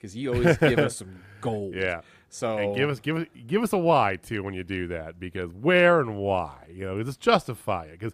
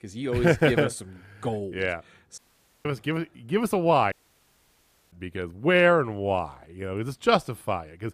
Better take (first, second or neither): first